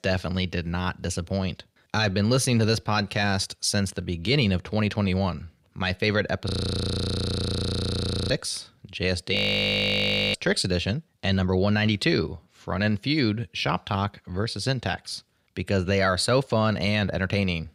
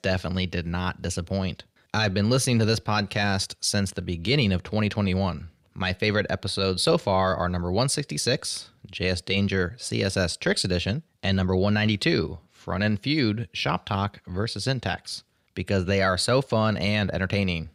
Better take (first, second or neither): second